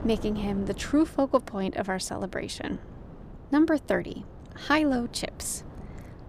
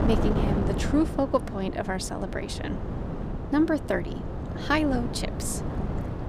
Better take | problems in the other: first | wind noise on the microphone; heavy; 7 dB below the speech; occasional gusts in the first

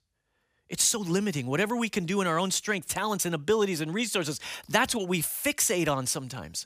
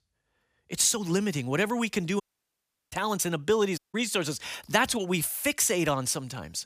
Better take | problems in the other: first | audio cutting out; at 2 s for 0.5 s and at 4 s

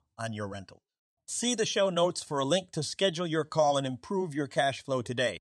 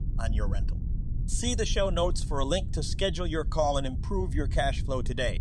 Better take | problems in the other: first | low rumble; noticeable; throughout; 20 dB below the speech

